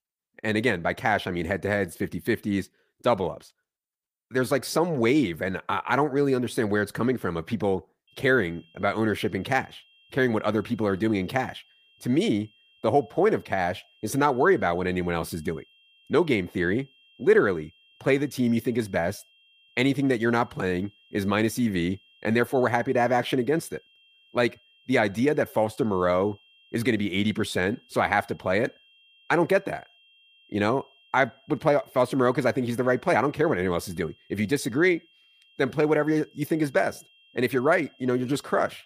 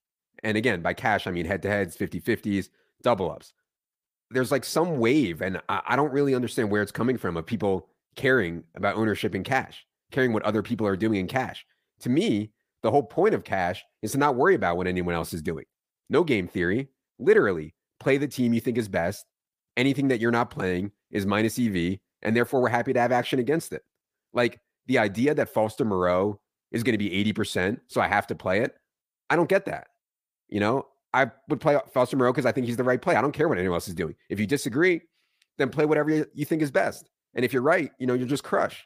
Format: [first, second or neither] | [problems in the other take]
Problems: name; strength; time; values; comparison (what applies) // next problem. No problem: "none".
second | high-pitched whine; faint; from 8 s on; 3 kHz, 30 dB below the speech